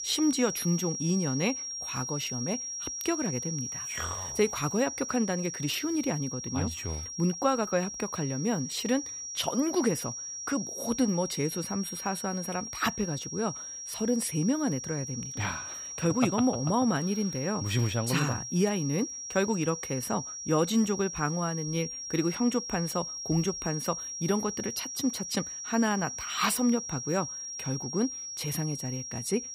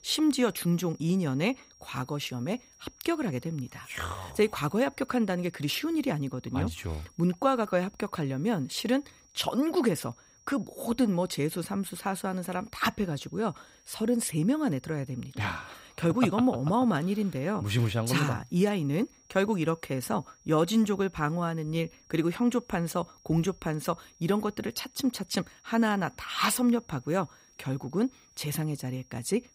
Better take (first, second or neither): second